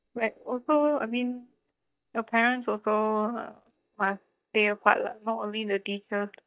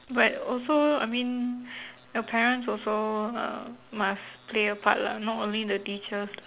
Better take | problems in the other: second | noise reduction (neural mask model DeepFilterNet 3)

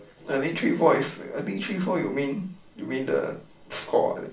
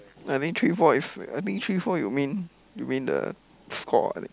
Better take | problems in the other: second | room echo; dies away in 0.3 s

